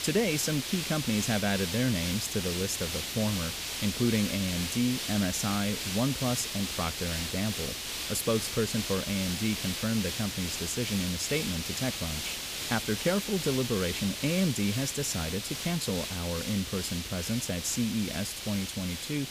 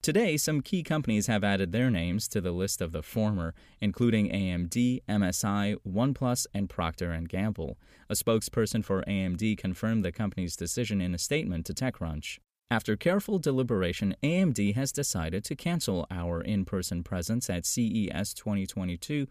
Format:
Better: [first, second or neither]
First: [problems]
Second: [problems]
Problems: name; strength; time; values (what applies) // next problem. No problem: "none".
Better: second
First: hiss; loud; throughout; 2 dB below the speech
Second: none